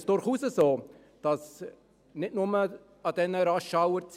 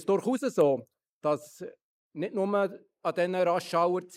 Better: first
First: none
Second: noise reduction (neural mask model Resemble Enhance denoiser)

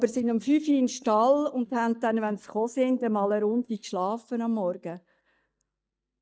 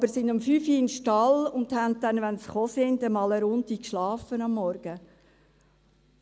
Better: second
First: noise reduction (neural mask model DeepFilterNet 3)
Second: none

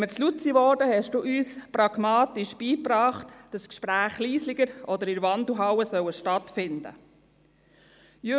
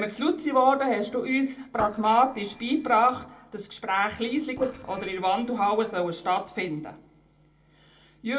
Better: first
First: none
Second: noise reduction (neural separator model SepFormer DNS4)

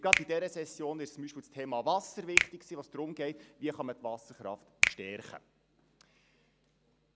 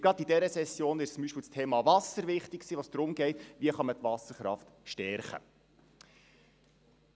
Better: second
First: background sound (Finger snapping); 2 dB above the speech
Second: none

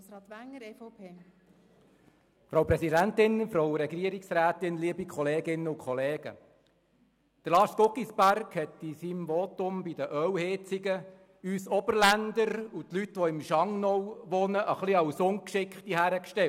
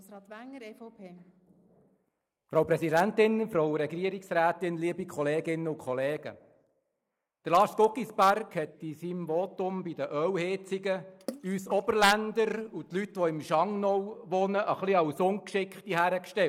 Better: first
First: none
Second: noise reduction (neural mask model Resemble Enhance denoiser)

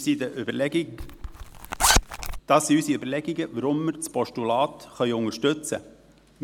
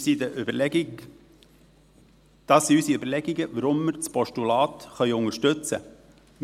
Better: second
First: background sound (Zipper (clothing)); 1 dB above the speech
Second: none

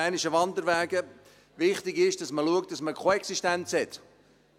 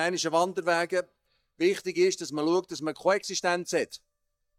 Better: first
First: none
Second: noise reduction (neural mask model DeepFilterNet 3)

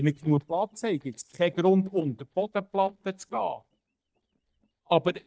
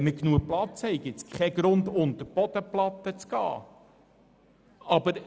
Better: second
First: noise reduction (neural mask model DeepFilterNet 3)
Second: none

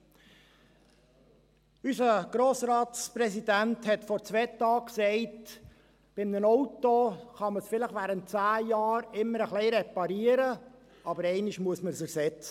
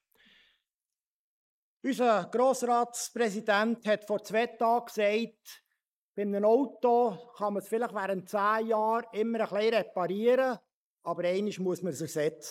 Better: first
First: none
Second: noise reduction (neural mask model Resemble Enhance denoiser)

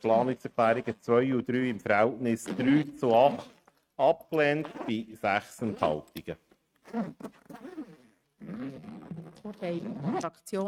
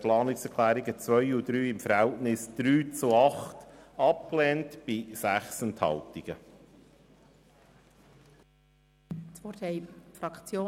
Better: second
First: noise reduction (neural mask model RNNoise)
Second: none

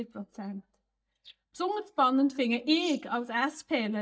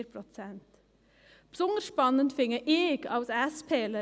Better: second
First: noise reduction (neural mask model DeepFilterNet 3)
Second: none

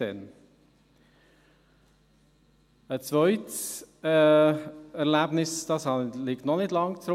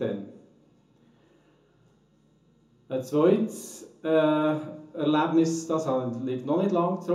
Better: first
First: none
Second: room echo; dies away in 0.6 s

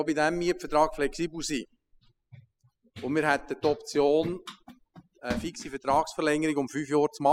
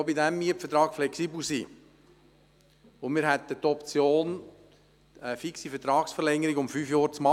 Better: second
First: noise reduction (classical method spectral subtraction)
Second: none

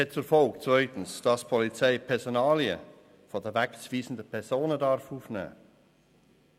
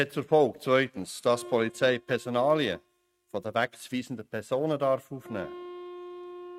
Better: first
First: none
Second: noise reduction (neural mask model RNNoise)

